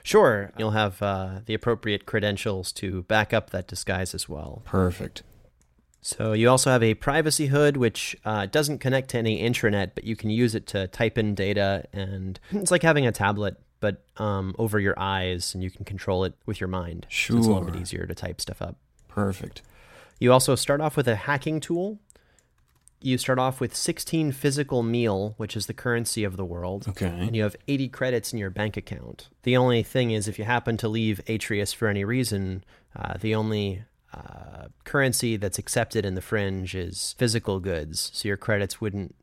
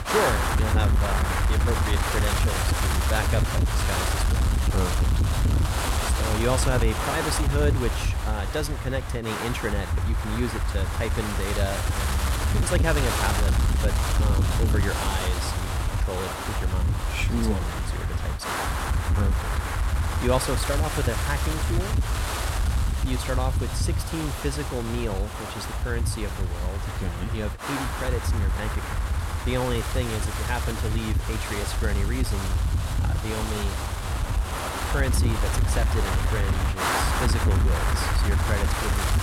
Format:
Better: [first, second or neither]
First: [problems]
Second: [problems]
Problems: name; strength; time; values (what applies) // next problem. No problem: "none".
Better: first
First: none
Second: wind noise on the microphone; heavy; 2 dB above the speech